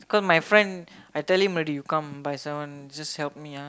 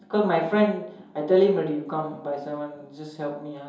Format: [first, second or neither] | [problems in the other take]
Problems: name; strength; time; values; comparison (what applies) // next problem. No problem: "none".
first | room echo; dies away in 2.8 s